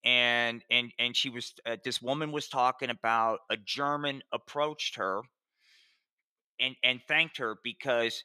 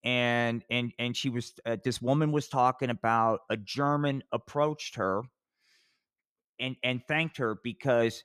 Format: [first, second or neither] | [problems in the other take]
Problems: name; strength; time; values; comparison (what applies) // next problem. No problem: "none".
second | thin; somewhat; fading below 600 Hz